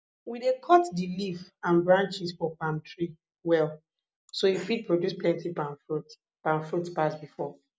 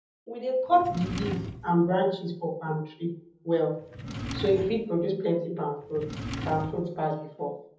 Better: first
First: none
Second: background sound (Drawer open or close); 9 dB below the speech // room echo; dies away in 0.6 s

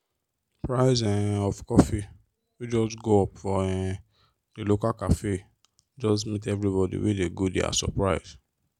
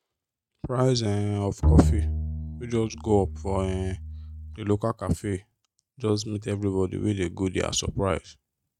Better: first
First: none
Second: noise reduction (neural mask model RNNoise)

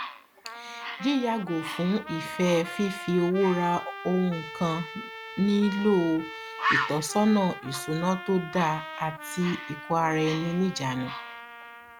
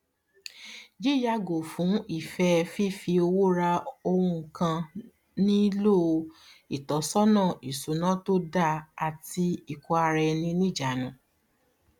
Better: second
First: background sound (Bird + Trumpet); 9 dB below the speech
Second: none

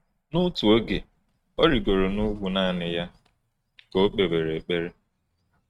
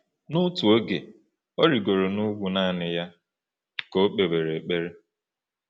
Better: second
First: noise reduction (neural mask model RNNoise)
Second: none

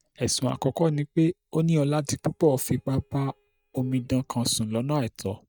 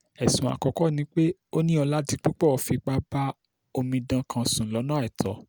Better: second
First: noise reduction (neural mask model DeepFilterNet 3)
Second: none

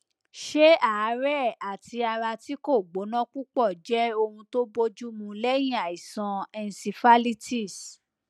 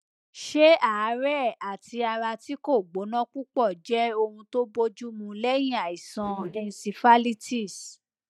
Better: first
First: none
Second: noise reduction (neural mask model DeepFilterNet 3)

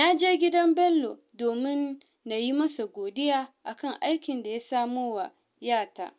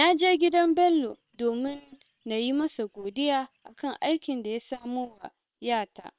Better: first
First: none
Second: noise reduction (neural separator model SepFormer WHAM!)

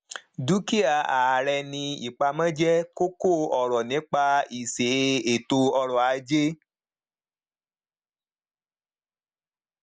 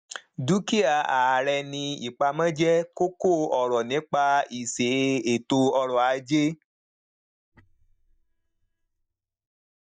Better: first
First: none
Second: noise reduction (neural mask model DeepFilterNet 3)

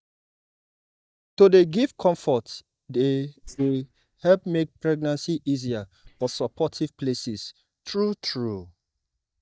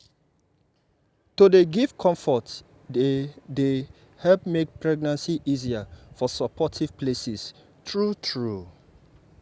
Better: second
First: noise reduction (neural mask model DeepFilterNet 3)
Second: none

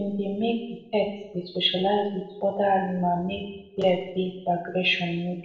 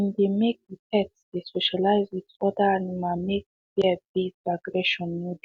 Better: second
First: room echo; dies away in 0.8 s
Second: none

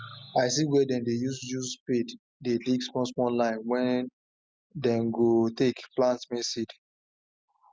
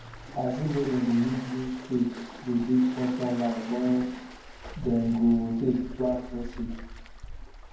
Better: first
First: none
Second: background sound (Waves, surf); 14 dB below the speech // room echo; dies away in 0.9 s

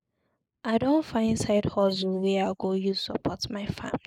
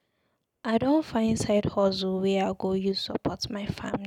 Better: second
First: noise reduction (neural mask model Resemble Enhance denoiser)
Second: none

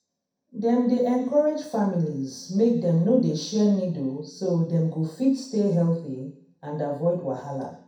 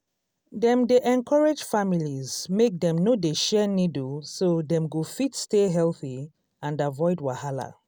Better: second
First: room echo; dies away in 0.6 s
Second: none

